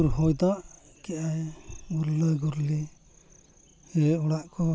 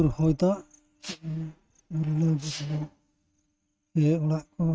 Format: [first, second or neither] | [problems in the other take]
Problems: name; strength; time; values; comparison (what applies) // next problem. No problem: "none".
first | noise reduction (neural mask model RNNoise)